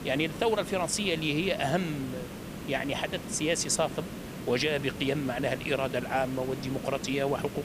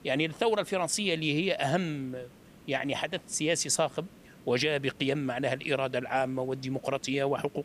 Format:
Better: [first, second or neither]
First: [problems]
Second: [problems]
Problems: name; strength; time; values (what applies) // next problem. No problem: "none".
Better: second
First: hiss; loud; throughout; 10 dB below the speech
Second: hiss; faint; throughout; 25 dB below the speech